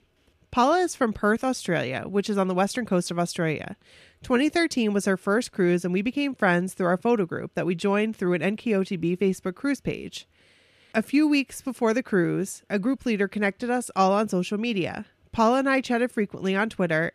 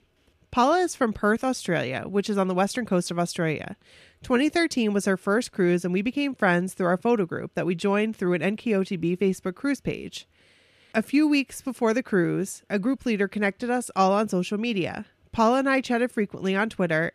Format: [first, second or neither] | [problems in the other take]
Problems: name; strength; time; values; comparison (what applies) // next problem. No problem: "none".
neither | none